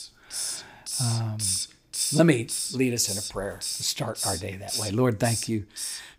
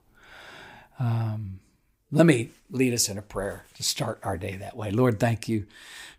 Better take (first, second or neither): second